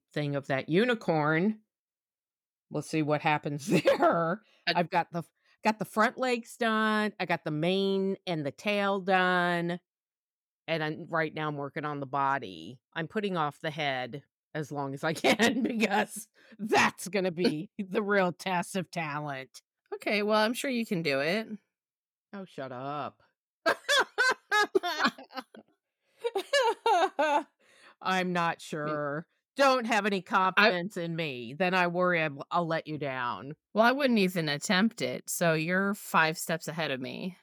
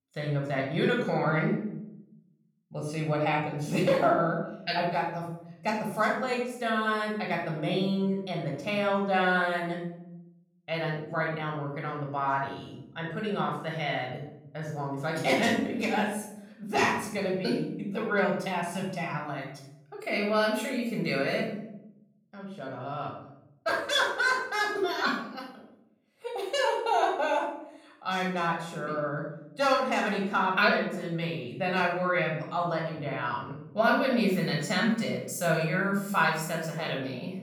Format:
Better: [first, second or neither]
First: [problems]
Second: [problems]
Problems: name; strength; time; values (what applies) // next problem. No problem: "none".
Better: first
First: none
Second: off-mic speech; far // room echo; noticeable; dies away in 0.7 s